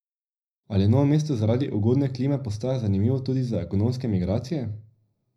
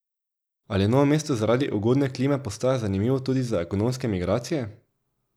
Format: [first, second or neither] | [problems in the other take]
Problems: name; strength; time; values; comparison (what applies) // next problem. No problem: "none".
second | room echo; dies away in 0.4 s